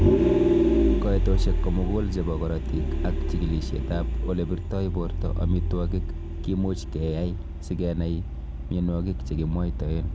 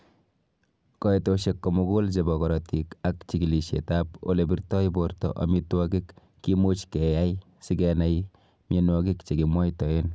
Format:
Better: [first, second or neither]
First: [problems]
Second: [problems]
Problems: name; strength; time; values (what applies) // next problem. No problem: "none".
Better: second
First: background sound (Vehicle); 4 dB above the speech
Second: none